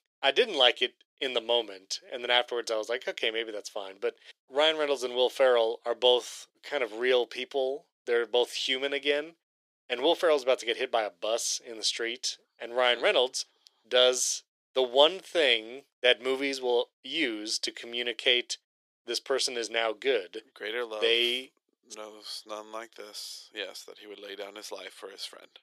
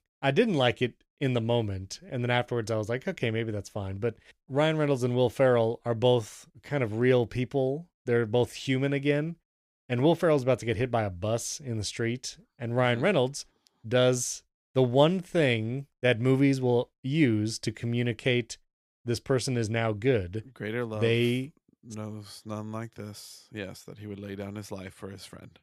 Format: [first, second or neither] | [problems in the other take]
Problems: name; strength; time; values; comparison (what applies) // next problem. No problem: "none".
second | thin; very; fading below 400 Hz